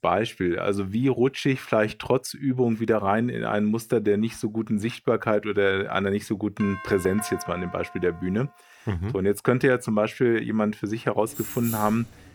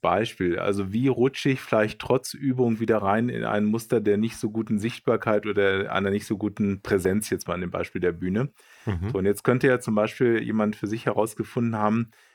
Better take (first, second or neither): second